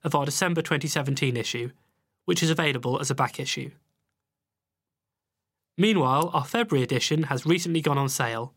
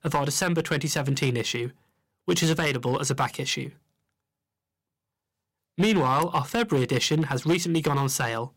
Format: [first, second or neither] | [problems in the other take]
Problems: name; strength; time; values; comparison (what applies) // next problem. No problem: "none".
first | distortion; slight; 3% of the sound clipped